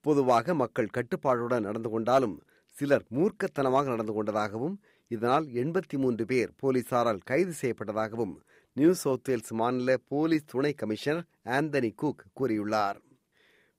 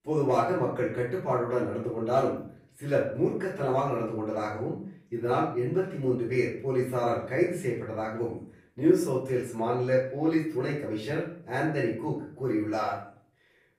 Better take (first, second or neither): first